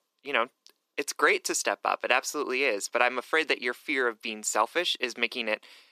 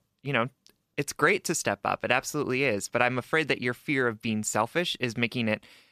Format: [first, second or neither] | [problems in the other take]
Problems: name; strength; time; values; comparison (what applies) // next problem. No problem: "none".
second | thin; somewhat; fading below 300 Hz